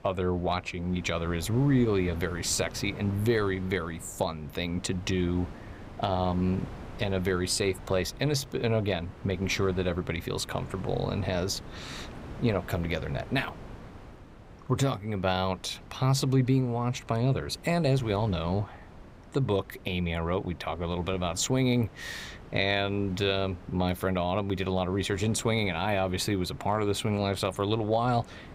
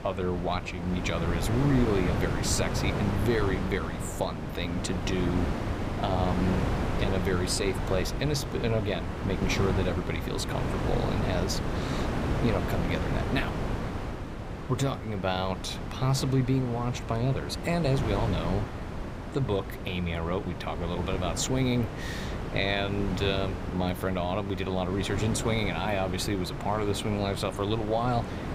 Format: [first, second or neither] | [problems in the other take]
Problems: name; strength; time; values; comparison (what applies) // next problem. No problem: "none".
first | wind noise on the microphone; heavy; 4 dB below the speech; occasional gusts in the first